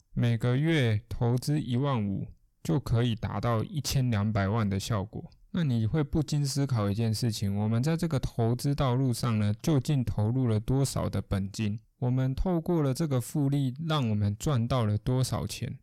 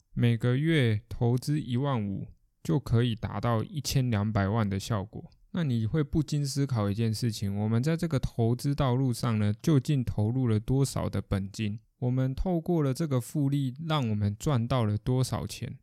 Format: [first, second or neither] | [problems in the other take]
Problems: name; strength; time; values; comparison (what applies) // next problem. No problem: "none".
second | distortion; slight; 10 dB below the speech